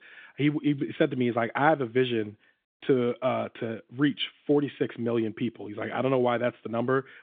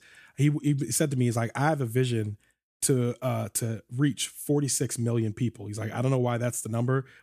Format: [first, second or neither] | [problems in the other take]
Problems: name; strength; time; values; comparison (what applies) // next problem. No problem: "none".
second | phone-call audio; nothing above 3.5 kHz